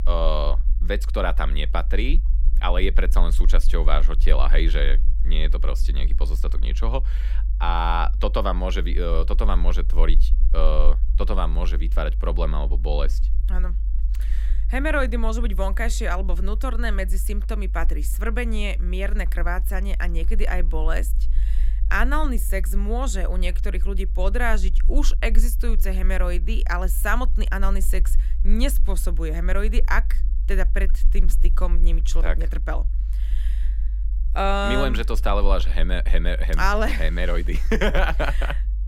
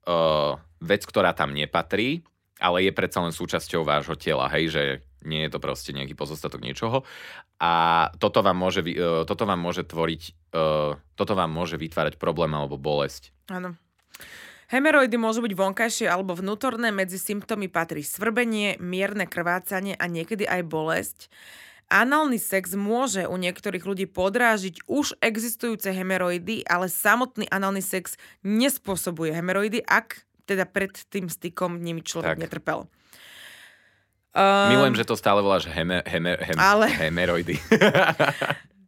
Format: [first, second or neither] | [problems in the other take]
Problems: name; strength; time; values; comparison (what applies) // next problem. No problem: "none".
second | low rumble; faint; throughout; 20 dB below the speech